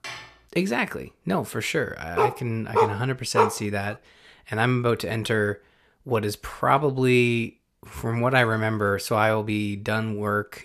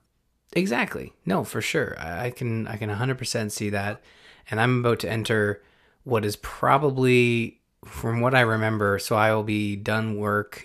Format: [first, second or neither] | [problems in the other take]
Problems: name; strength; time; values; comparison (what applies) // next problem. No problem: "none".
second | clattering dishes; faint; at the start; peak 10 dB below the speech // dog barking; loud; from 2 to 3.5 s; peak 2 dB above the speech